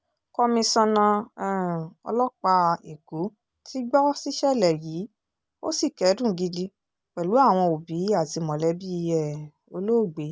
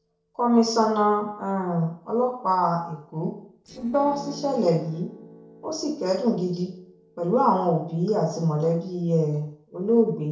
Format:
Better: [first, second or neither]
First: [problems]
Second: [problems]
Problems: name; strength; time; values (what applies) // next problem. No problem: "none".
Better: first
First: none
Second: noise reduction (neural separator model SepFormer DNS4)